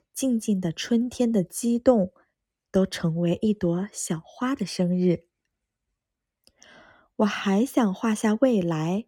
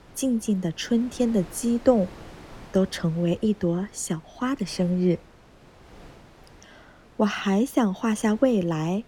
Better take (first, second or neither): first